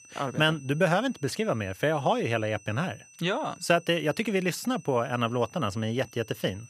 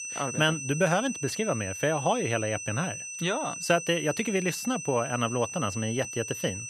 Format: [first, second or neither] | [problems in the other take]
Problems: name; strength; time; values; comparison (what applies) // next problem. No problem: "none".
first | high-pitched whine; loud; throughout; 6 kHz, 7 dB below the speech; faint in the first